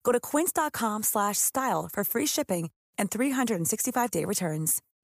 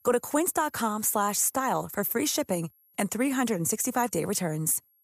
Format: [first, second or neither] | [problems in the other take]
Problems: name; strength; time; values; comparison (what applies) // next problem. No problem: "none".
first | high-pitched whine; faint; throughout; 11.5 kHz, 35 dB below the speech